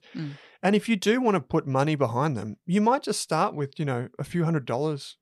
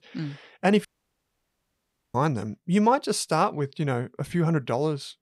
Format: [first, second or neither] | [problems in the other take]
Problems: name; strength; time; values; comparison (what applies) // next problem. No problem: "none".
first | audio cutting out; at 1 s for 1.5 s